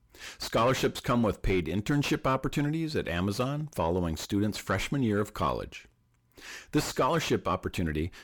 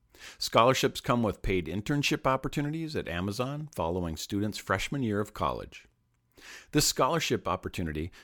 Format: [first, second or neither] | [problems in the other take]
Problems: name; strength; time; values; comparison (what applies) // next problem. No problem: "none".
second | distortion; heavy; 8 dB below the speech